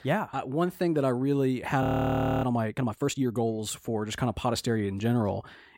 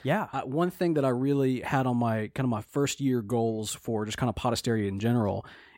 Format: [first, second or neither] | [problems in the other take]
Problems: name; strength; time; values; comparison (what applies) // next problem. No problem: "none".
second | audio freezing; at 2 s for 0.5 s